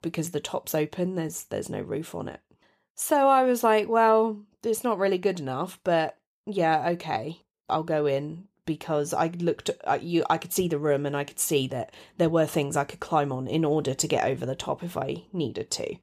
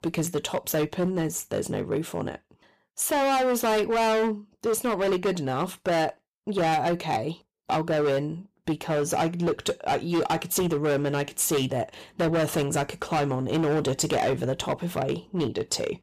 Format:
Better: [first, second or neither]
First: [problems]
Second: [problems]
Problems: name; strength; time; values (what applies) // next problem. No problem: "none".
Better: first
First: none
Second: distortion; heavy; 16% of the sound clipped